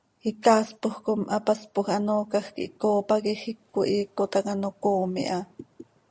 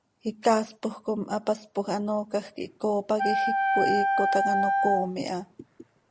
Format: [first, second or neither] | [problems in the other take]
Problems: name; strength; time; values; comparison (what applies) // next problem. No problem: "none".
first | background sound (Wind instrument, woodwind instrument); 2 dB above the speech